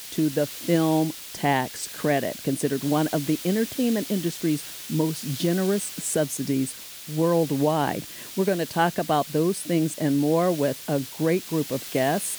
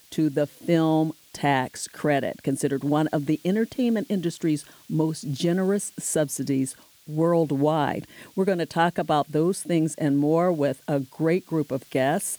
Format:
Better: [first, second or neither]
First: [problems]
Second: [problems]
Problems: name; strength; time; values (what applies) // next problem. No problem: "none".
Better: second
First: hiss; loud; throughout; 10 dB below the speech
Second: hiss; faint; throughout; 25 dB below the speech